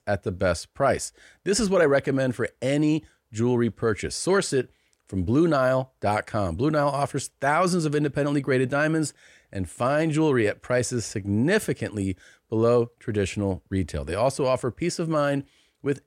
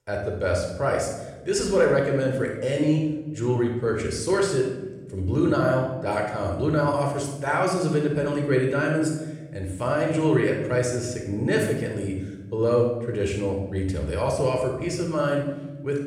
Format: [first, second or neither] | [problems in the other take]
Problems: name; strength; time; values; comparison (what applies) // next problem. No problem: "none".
first | room echo; noticeable; dies away in 0.9 s // off-mic speech; somewhat distant